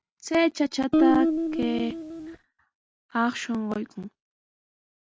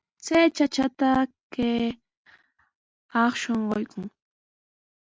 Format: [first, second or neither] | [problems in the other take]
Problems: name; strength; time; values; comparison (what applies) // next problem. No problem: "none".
second | background sound (Guitar); 4 dB above the speech